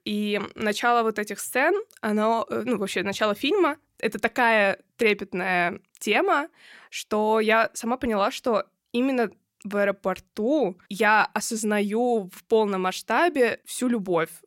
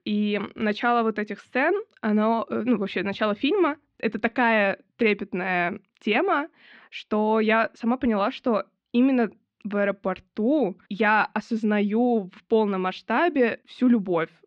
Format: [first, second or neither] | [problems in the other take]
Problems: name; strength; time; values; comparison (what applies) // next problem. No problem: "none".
first | muffled; slightly; fading above 4 kHz